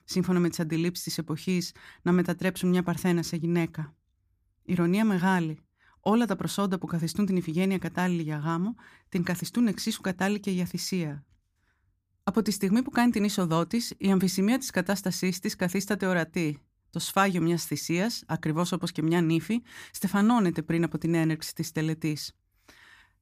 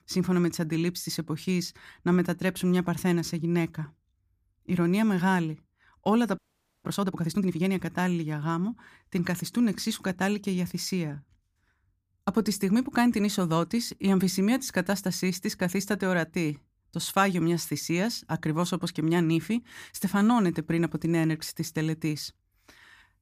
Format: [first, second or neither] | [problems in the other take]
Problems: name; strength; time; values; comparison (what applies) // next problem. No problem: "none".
first | audio freezing; at 6.5 s